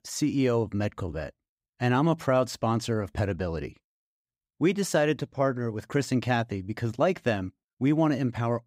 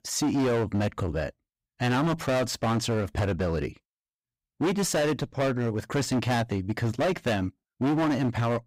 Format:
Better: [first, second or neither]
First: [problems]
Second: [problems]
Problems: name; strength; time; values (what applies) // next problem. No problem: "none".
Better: first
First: none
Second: distortion; heavy; 19% of the sound clipped